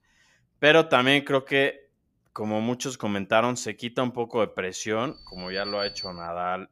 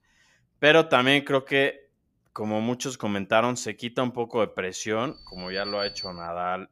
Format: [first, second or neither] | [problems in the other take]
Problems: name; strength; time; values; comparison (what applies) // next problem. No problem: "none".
neither | alarm; noticeable; from 5 s on; peak 7 dB below the speech; the same in both